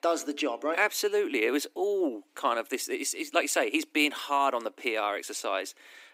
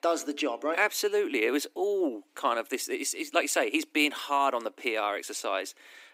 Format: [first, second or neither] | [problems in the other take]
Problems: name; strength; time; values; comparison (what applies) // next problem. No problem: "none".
neither | thin; very slightly; fading below 300 Hz; the same in both